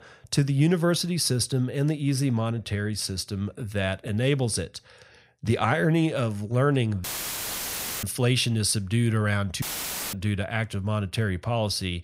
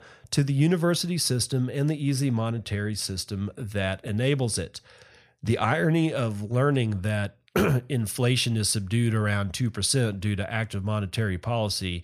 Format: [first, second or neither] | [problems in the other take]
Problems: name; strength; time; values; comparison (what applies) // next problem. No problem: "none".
second | audio cutting out; filled with static; at 7 s for 1 s and at 9.5 s for 0.5 s